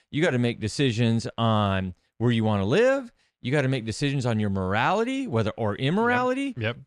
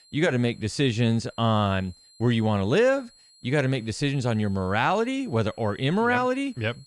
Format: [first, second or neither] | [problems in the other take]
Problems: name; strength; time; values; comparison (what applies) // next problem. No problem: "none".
first | high-pitched whine; faint; throughout; 4 kHz, 30 dB below the speech